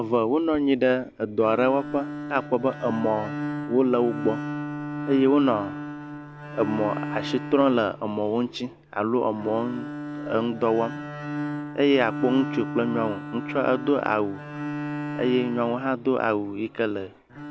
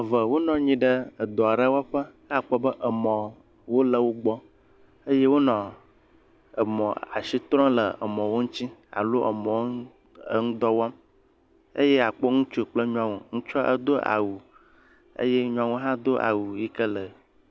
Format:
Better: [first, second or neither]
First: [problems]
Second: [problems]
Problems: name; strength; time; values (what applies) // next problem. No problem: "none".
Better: second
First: background sound (Bowed string instrument); 9 dB below the speech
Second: none